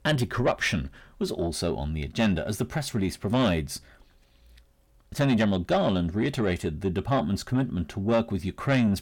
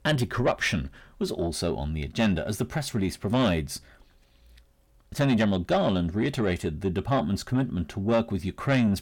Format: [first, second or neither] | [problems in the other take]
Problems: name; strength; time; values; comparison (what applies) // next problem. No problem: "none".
neither | distortion; slight; 10 dB below the speech; the same in both